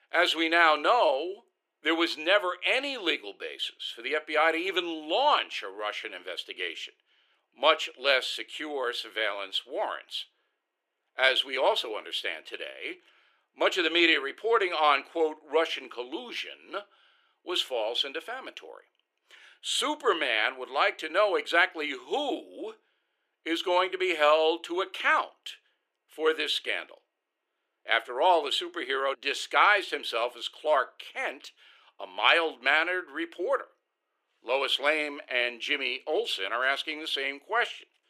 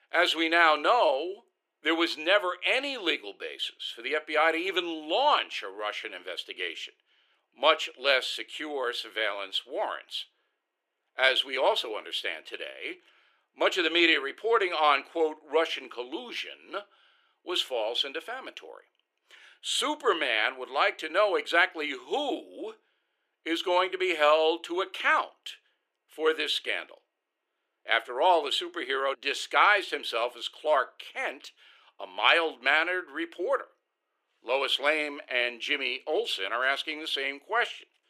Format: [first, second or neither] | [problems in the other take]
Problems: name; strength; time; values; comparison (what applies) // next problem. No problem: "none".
neither | thin; very; fading below 350 Hz; the same in both